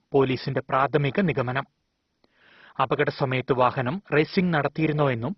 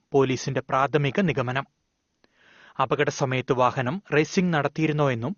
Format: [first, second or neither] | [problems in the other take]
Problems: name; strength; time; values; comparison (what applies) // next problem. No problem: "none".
second | garbled, watery; badly; nothing above 5.5 kHz; slightly in the second